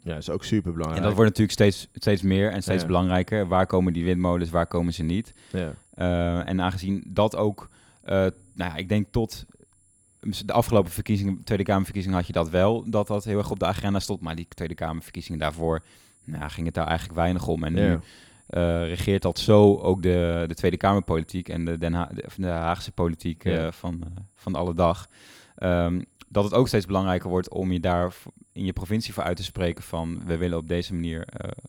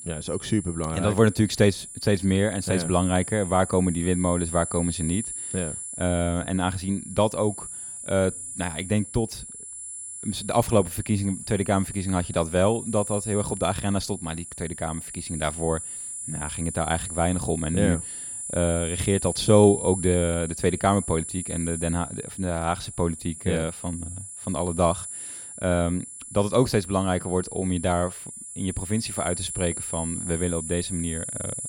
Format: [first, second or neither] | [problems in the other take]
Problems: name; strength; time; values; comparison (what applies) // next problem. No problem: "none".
first | high-pitched whine; loud; throughout; 10 kHz, 8 dB below the speech; faint in the first